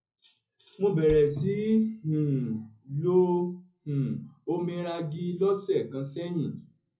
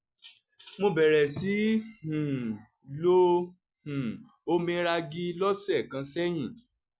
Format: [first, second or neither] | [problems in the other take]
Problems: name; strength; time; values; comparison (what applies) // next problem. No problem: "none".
second | background sound (Cupboard open or close); 15 dB below the speech // room echo; dies away in 0.4 s